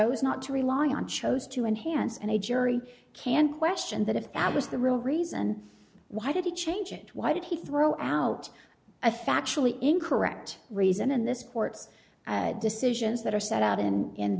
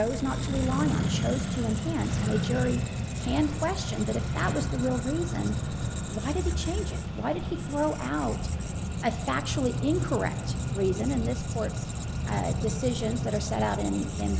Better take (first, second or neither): first